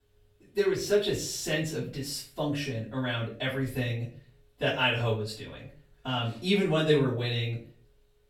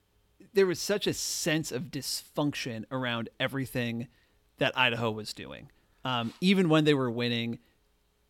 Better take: second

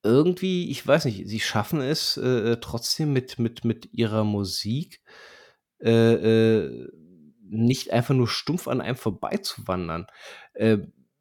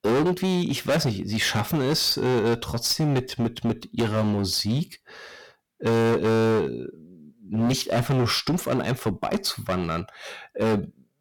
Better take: first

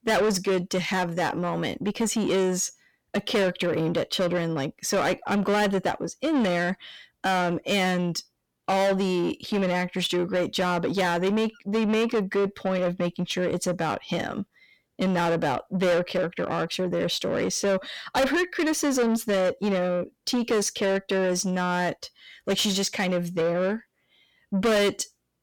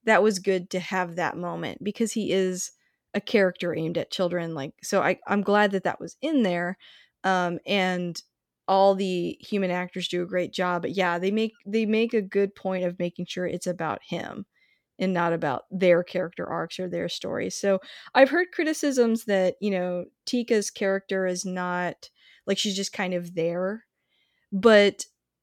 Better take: second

